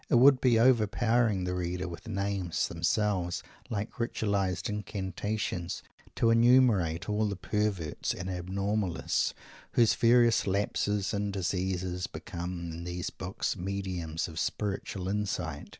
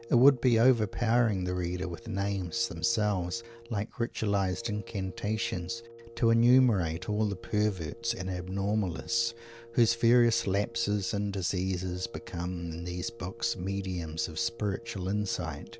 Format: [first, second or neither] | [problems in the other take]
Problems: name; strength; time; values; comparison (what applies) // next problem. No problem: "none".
first | background sound (Wind instrument, woodwind instrument); 20 dB below the speech